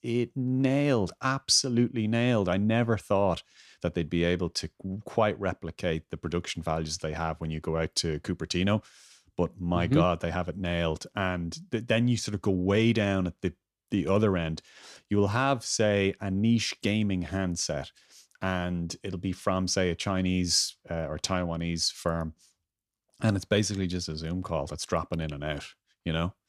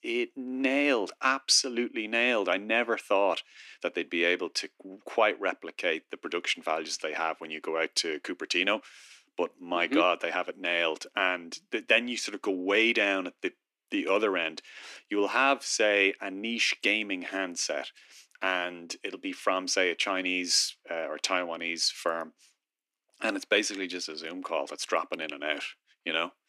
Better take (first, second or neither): first